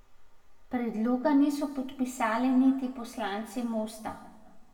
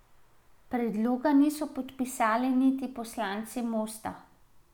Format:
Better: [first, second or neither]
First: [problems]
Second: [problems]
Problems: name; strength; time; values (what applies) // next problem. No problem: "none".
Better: second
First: room echo; dies away in 1.2 s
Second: none